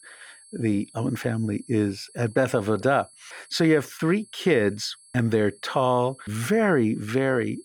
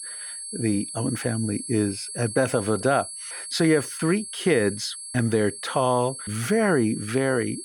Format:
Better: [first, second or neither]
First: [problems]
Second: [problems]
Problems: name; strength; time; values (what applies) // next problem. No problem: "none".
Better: first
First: high-pitched whine; faint; throughout; 10.5 kHz, 25 dB below the speech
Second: high-pitched whine; loud; throughout; 10.5 kHz, 9 dB below the speech